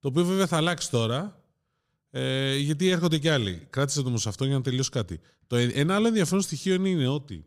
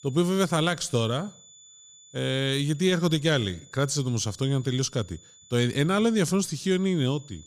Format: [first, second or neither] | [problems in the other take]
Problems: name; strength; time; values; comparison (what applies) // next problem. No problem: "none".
first | high-pitched whine; faint; throughout; 7 kHz, 25 dB below the speech